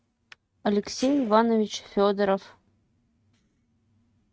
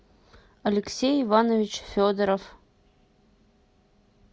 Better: second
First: noise reduction (neural mask model RNNoise)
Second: none

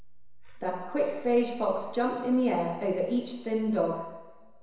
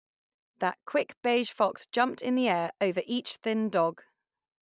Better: second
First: background sound (Breathing); 16 dB below the speech // room echo; dies away in 1 s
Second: none

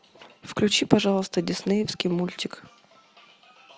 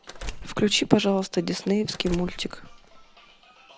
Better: first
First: none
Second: background sound (Door); 13 dB below the speech

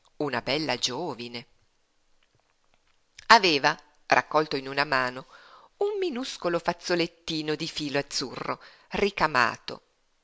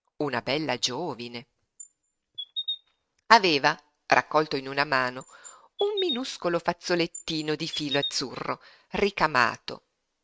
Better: first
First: none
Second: noise reduction (neural mask model RNNoise)

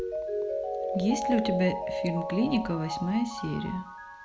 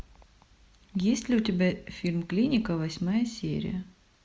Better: second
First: background sound (Mallet percussion); 3 dB below the speech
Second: none

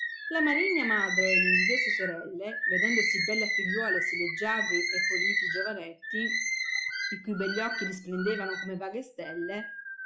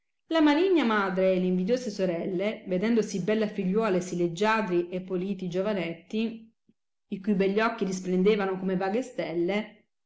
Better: second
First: noise reduction (classical method log-MMSE)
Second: none

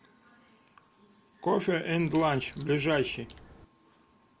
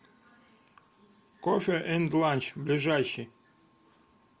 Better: second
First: background sound (Crack); 19 dB below the speech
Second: none

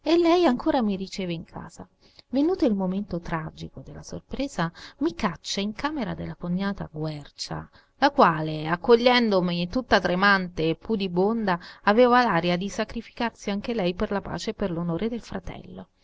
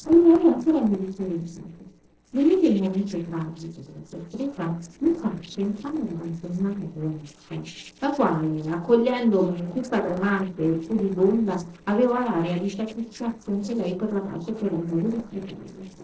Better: first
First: none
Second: noise reduction (neural separator model SepFormer DNS4)

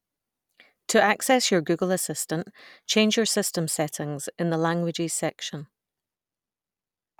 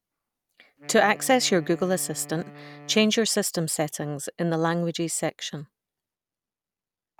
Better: first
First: none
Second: background sound (Wind instrument, woodwind instrument); 20 dB below the speech

